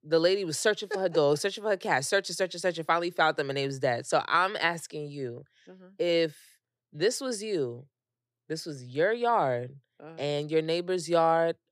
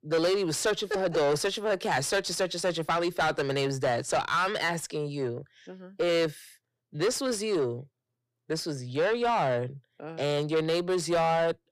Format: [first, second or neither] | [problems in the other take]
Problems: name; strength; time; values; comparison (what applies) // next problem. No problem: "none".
first | distortion; heavy; 8 dB below the speech